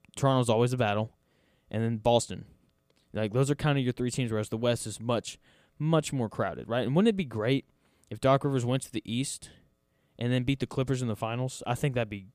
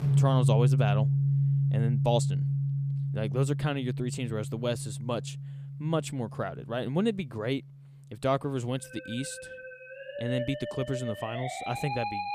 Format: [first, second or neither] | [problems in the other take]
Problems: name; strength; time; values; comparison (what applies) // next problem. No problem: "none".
first | background music; very loud; throughout; 2 dB above the speech